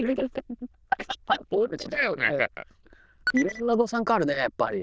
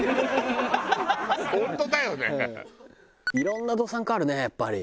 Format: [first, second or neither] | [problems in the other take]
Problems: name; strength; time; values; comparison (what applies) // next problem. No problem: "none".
second | noise reduction (neural diffusion model UNIVERSE++)